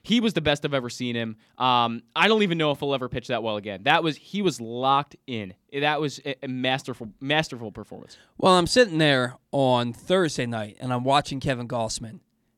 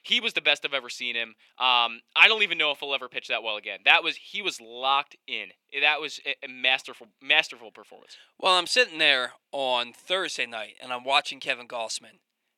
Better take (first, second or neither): first